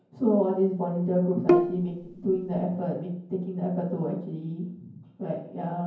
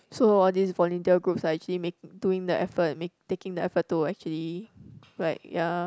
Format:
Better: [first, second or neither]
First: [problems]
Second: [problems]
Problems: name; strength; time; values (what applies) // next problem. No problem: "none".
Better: second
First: background sound (Bowed string instrument); 2 dB above the speech // room echo; dies away in 0.9 s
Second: none